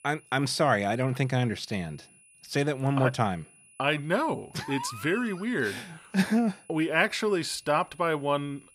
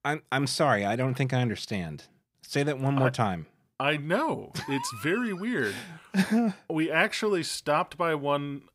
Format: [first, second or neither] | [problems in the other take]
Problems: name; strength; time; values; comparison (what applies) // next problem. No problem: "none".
second | high-pitched whine; faint; throughout; 10 kHz, 25 dB below the speech